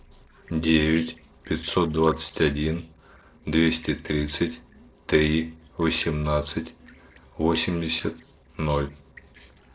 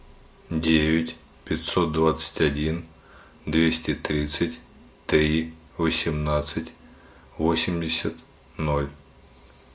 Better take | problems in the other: second | noise reduction (neural separator model SepFormer DNS4)

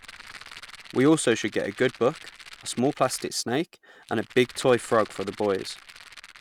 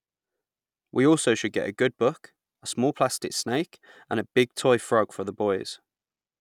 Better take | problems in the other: second | background sound (Rattle); 19 dB below the speech

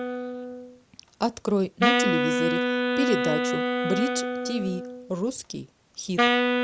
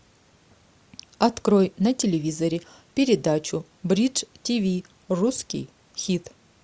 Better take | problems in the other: second | background sound (Wind instrument, woodwind instrument); 3 dB above the speech

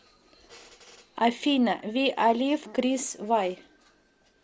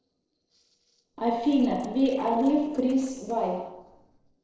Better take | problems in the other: first | noise reduction (neural separator model SepFormer DNS4)

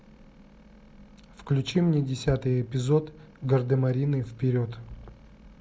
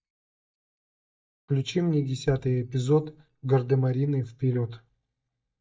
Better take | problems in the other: first | noise reduction (neural mask model DeepFilterNet 3)

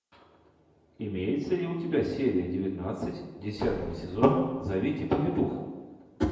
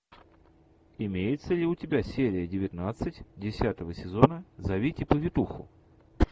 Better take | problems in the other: second | background sound (Slam); 18 dB below the speech // room echo; dies away in 0.9 s

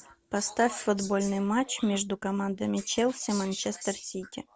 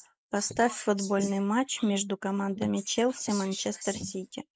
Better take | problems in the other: first | noise reduction (neural mask model Resemble Enhance denoiser)

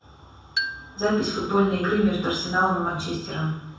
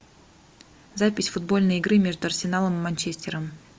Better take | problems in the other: second | background sound (Marimba, xylophone); 9 dB below the speech // room echo; dies away in 0.7 s

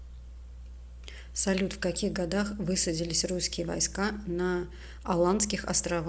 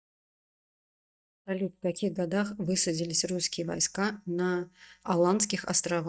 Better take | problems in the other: first | noise reduction (neural mask model DeepFilterNet 3)

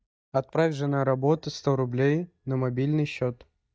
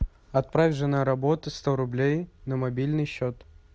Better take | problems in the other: second | noise reduction (neural mask model DeepFilterNet 3)

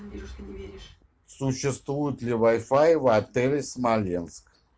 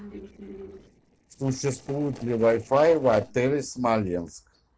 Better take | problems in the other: first | noise reduction (neural separator model SepFormer DNS4)

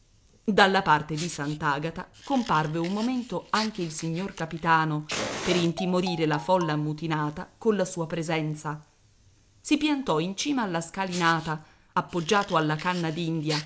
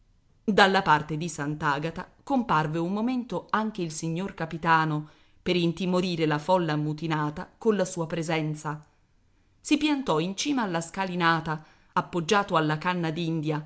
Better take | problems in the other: second | background sound (Fire + Marimba, xylophone); 14 dB below the speech

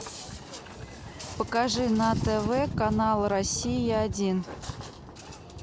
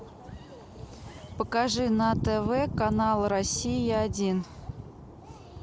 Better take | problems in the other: second | background sound (Walk, footsteps); 17 dB below the speech

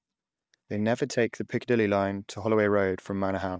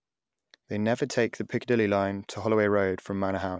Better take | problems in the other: second | noise reduction (neural mask model DeepFilterNet 3)

